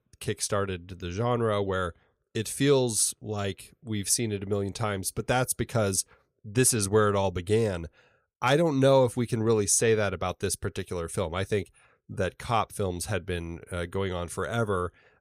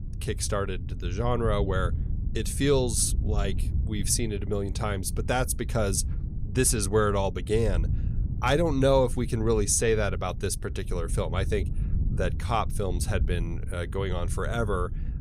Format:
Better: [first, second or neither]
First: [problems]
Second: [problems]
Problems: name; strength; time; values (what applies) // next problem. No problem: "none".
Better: first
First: none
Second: wind noise on the microphone; occasional gusts; 20 dB below the speech